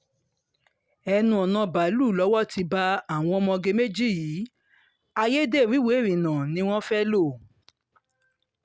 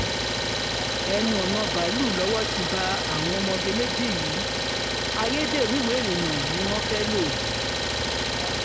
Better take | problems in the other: first | background sound (Idling); 3 dB above the speech

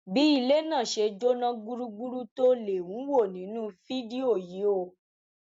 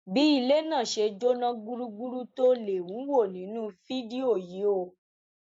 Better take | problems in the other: first | noise reduction (neural mask model Resemble Enhance denoiser)

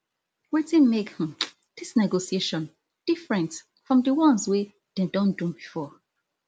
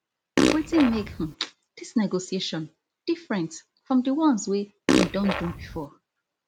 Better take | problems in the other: first | background sound (Fart); 2 dB above the speech

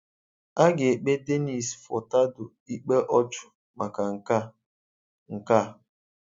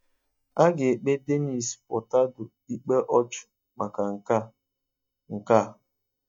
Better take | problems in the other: first | noise reduction (neural mask model DeepFilterNet 3)

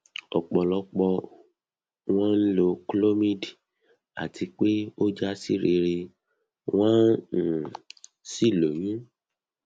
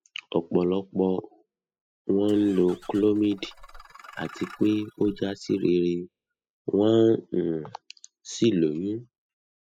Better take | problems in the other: first | noise reduction (classical method spectral subtraction)

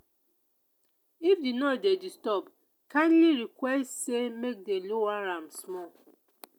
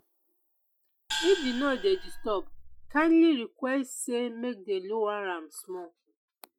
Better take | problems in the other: first | noise reduction (classical method Wiener filter)

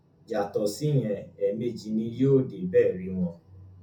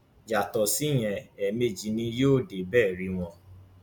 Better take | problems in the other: second | room echo; dies away in 0.3 s

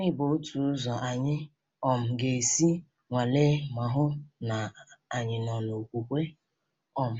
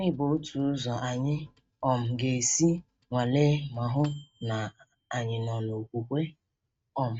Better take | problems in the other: first | noise reduction (neural mask model RNNoise)

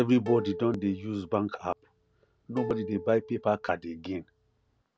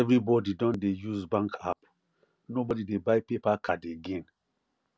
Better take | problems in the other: second | background sound (Plucked string instrument); 12 dB below the speech

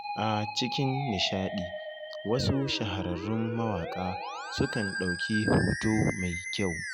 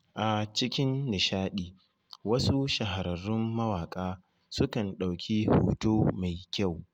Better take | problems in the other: second | background sound (Musical instrument); 6 dB below the speech

